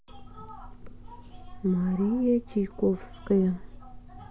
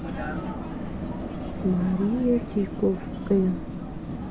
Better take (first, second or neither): first